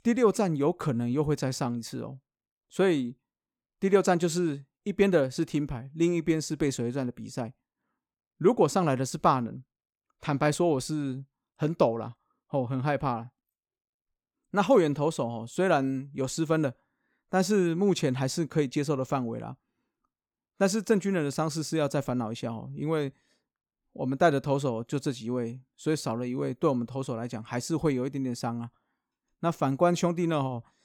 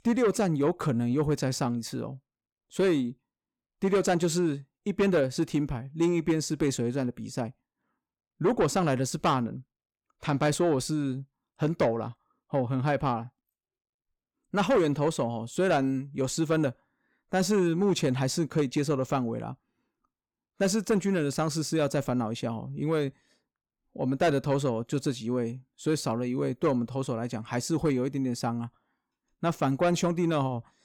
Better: first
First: none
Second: distortion; slight; 10 dB below the speech

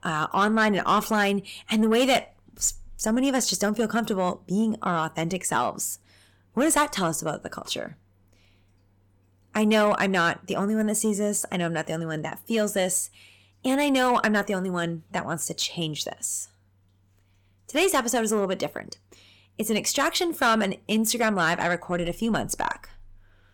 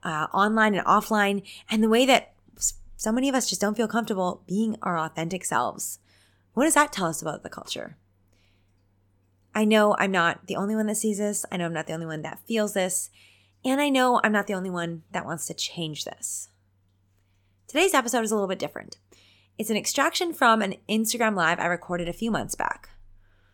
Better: second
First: distortion; slight; 10 dB below the speech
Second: none

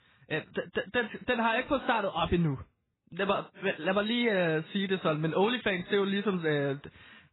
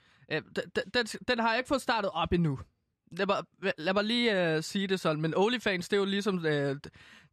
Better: second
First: garbled, watery; badly; nothing above 4 kHz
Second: none

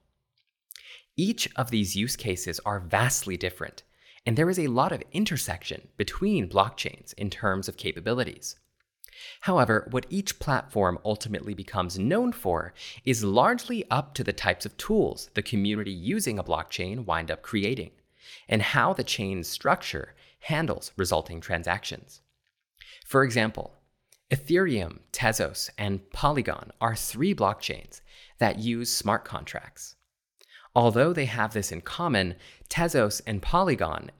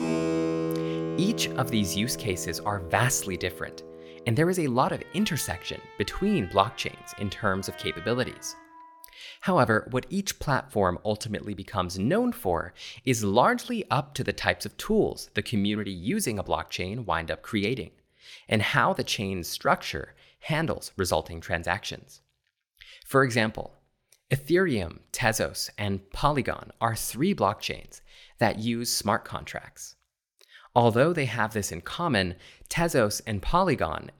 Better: first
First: none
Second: background music; loud; until 8.5 s; 8 dB below the speech

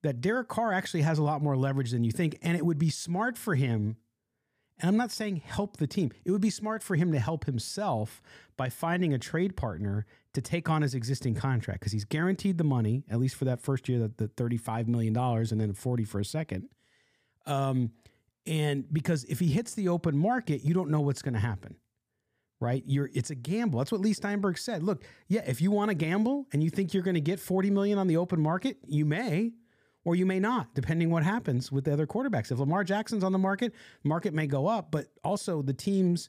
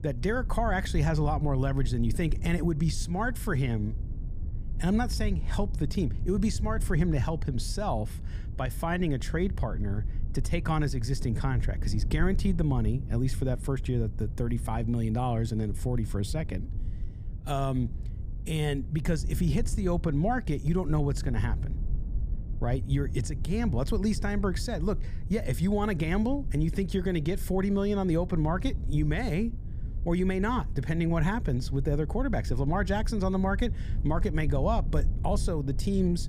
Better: first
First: none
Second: low rumble; noticeable; throughout; 15 dB below the speech

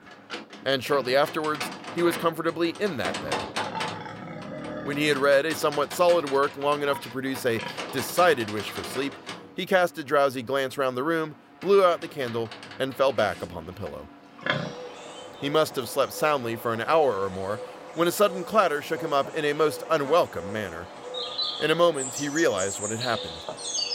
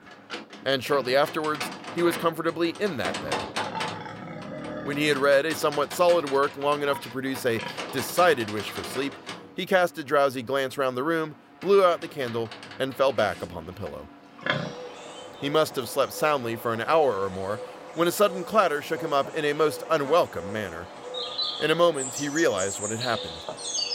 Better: neither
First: animal sounds; loud; throughout; 10 dB below the speech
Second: animal sounds; loud; throughout; 10 dB below the speech

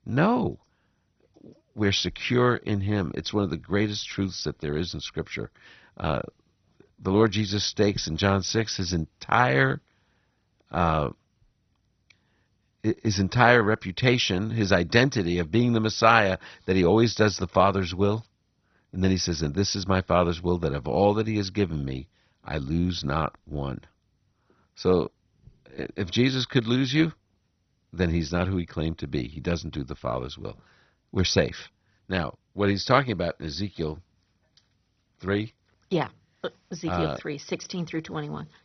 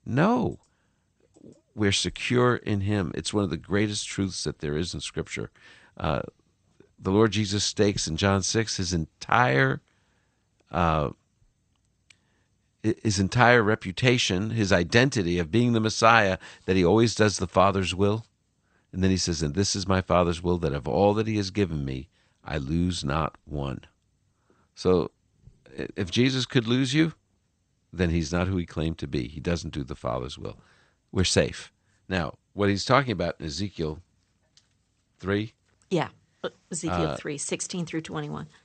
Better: second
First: garbled, watery; badly; nothing above 6 kHz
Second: garbled, watery; slightly; nothing above 8.5 kHz

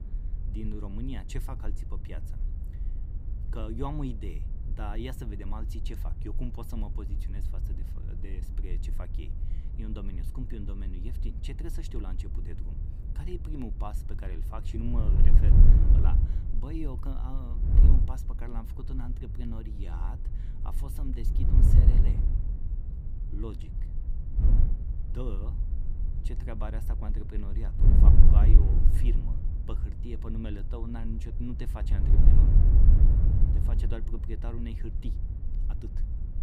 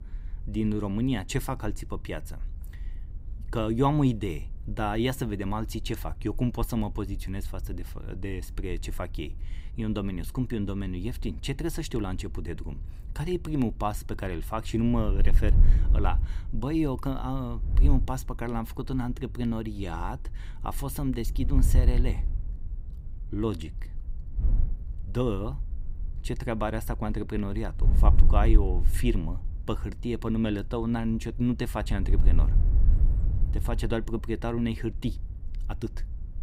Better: second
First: wind noise on the microphone; heavy; 1 dB below the speech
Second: wind noise on the microphone; occasional gusts; 15 dB below the speech

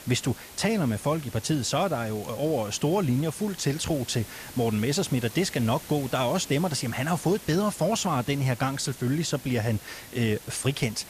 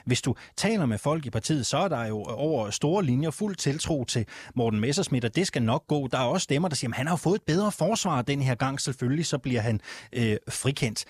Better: second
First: hiss; noticeable; throughout; 15 dB below the speech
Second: none

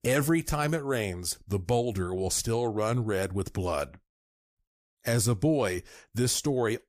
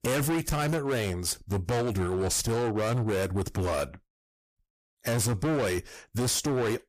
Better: first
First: none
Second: distortion; heavy; 25% of the sound clipped

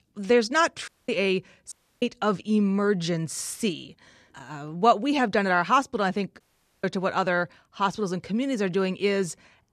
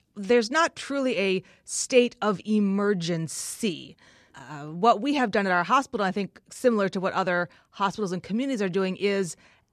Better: second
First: audio cutting out; at 1 s, at 1.5 s and at 6.5 s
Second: none

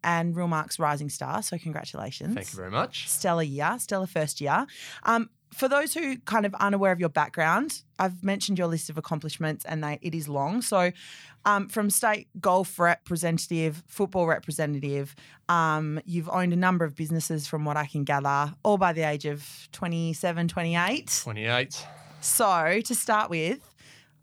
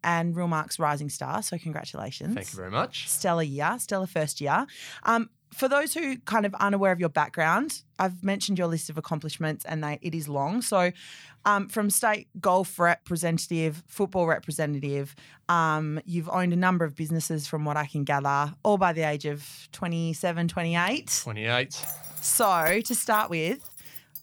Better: first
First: none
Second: jangling keys; noticeable; from 22 s on; peak 5 dB below the speech

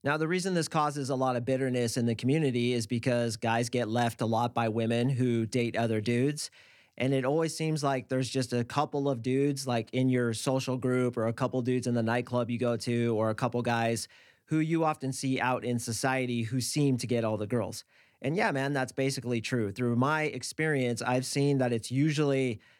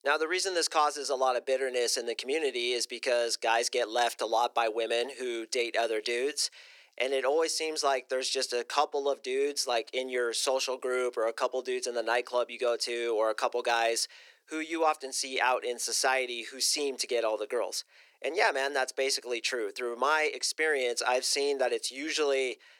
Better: first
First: none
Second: thin; very; fading below 400 Hz

